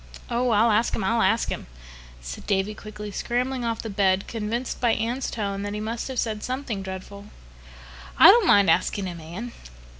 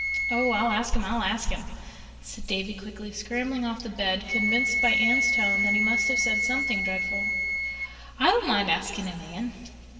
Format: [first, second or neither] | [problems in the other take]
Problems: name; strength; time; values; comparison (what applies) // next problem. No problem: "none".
first | background sound (Wind instrument, woodwind instrument); as loud as the speech // room echo; dies away in 2.1 s